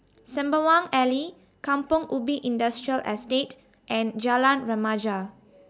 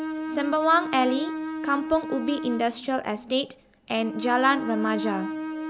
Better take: first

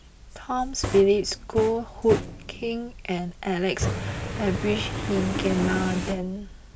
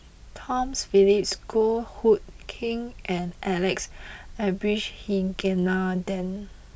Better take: second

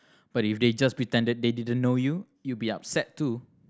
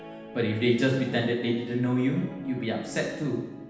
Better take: first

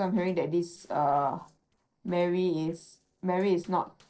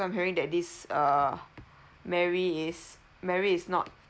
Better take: second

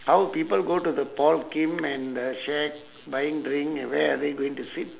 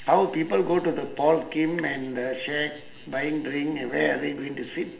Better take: first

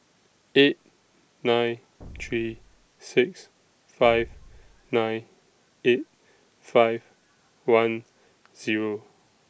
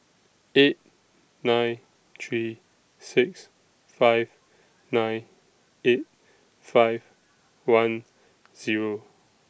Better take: second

